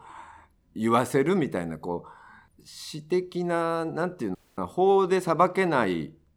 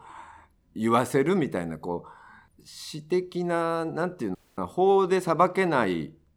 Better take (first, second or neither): neither